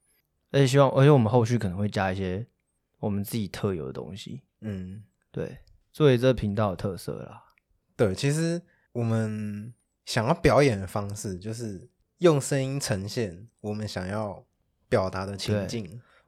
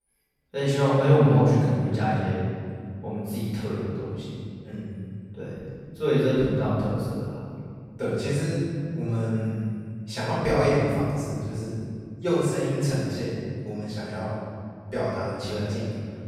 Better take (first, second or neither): first